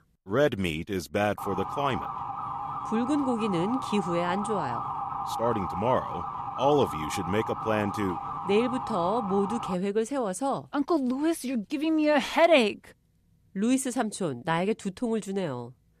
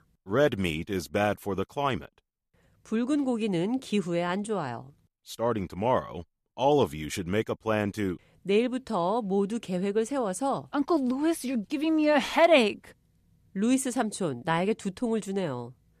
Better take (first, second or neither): second